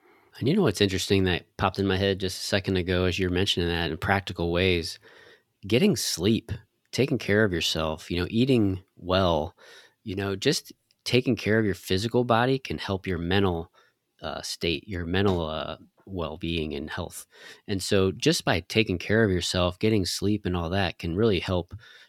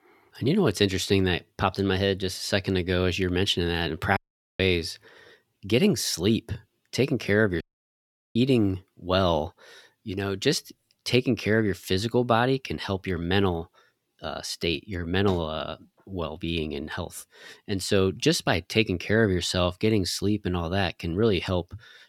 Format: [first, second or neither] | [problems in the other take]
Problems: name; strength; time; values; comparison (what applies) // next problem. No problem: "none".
first | audio cutting out; at 4 s and at 7.5 s for 0.5 s